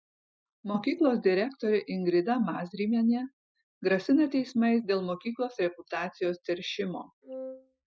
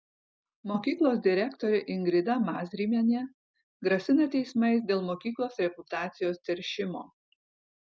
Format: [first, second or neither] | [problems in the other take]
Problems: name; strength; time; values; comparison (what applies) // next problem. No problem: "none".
second | noise reduction (classical method Wiener filter)